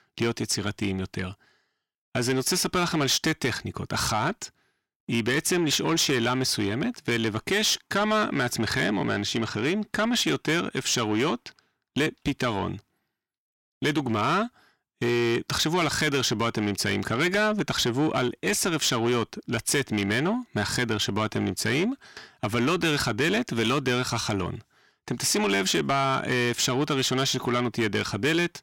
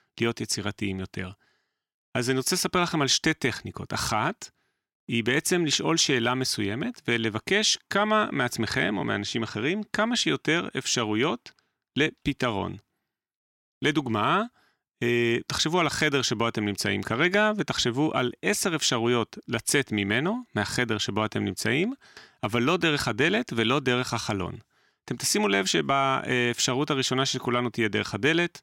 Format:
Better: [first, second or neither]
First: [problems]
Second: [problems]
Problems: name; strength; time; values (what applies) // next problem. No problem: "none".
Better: second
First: distortion; slight; 10 dB below the speech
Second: none